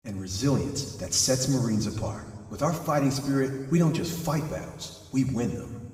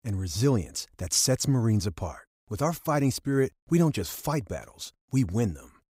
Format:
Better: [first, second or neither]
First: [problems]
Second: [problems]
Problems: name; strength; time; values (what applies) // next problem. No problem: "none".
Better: second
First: room echo; noticeable; dies away in 1.6 s // off-mic speech; far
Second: none